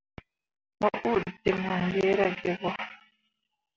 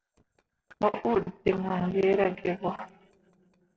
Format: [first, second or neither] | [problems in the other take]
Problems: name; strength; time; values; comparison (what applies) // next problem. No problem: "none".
first | noise reduction (neural separator model SepFormer DNS4)